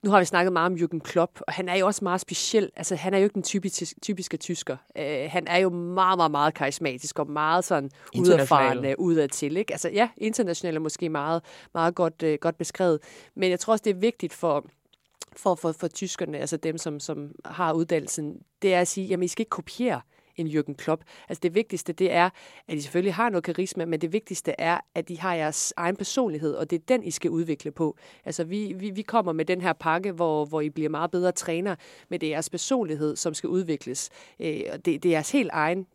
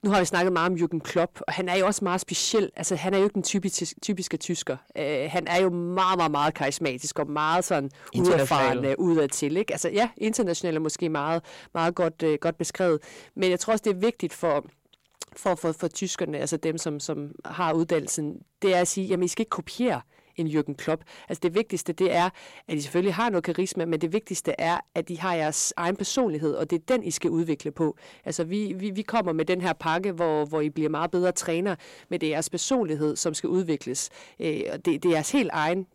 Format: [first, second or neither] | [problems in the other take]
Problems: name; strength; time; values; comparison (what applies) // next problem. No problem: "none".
first | distortion; slight; 10 dB below the speech